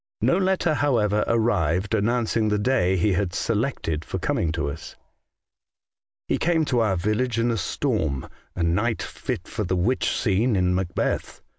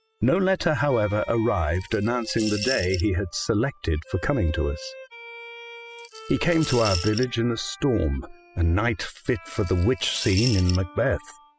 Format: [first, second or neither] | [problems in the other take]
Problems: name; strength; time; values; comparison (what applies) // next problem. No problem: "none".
first | noise reduction (classical method spectral subtraction)